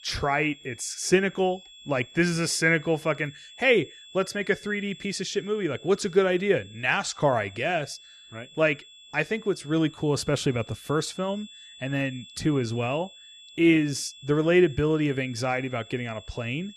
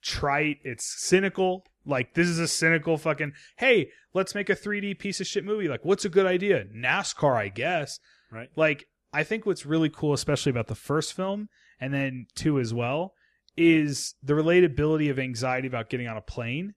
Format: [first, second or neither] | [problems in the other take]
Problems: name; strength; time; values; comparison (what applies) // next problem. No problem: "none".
second | high-pitched whine; faint; throughout; 3.5 kHz, 20 dB below the speech